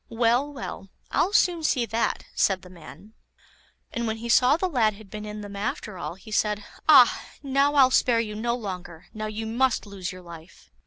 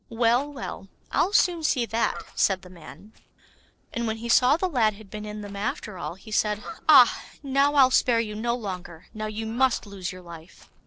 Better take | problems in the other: first | noise reduction (neural separator model SepFormer DNS4)

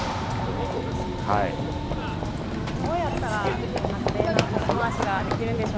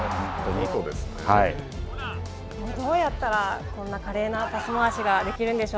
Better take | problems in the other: second | background sound (Run / Train); 3 dB above the speech

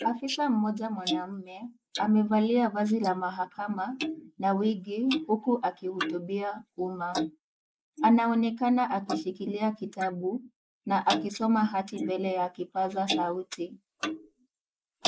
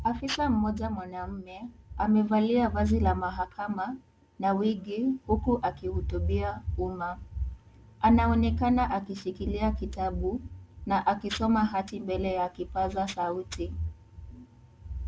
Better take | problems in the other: second | noise reduction (neural mask model Resemble Enhance denoiser)

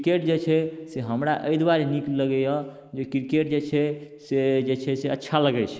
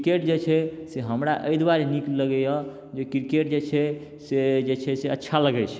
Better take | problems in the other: second | noise reduction (neural mask model Resemble Enhance denoiser)

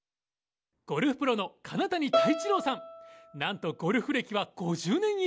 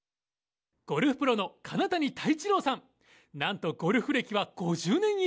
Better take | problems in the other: second | background sound (Bowed string instrument); 4 dB below the speech

